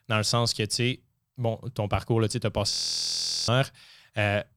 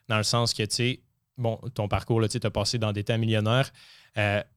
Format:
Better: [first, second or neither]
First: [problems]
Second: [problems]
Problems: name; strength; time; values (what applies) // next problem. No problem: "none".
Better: second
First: audio freezing; at 2.5 s for 1 s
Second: none